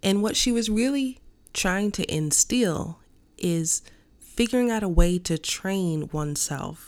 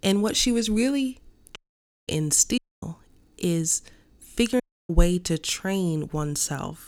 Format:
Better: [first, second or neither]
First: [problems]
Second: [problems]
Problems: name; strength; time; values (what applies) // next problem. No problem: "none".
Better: first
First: none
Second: audio cutting out; at 1.5 s for 0.5 s, at 2.5 s and at 4.5 s